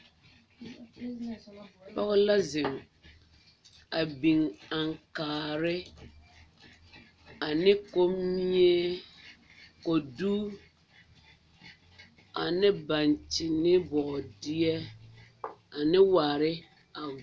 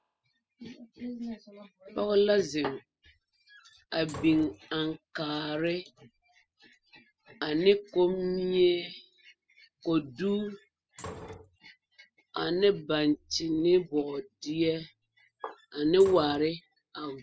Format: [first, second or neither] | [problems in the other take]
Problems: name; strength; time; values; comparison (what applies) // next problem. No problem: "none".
first | noise reduction (classical method spectral subtraction)